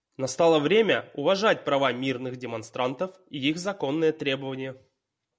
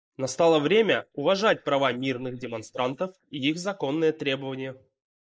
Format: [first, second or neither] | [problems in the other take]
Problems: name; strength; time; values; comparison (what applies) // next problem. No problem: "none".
first | noise reduction (neural mask model Resemble Enhance denoiser)